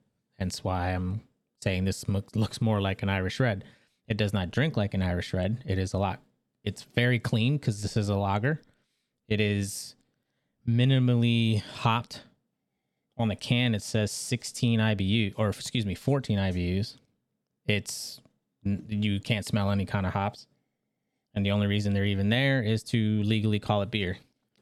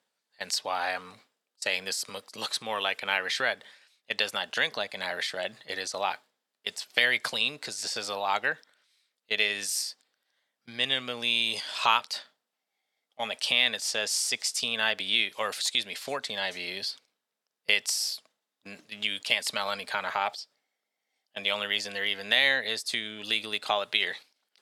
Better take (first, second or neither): first